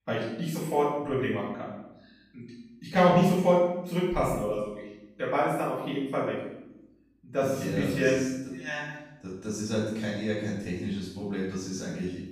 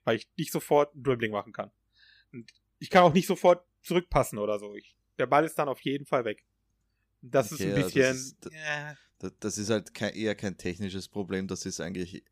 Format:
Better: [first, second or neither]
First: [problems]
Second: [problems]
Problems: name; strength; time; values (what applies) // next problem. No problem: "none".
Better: second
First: off-mic speech; far // room echo; strong; dies away in 0.8 s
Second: none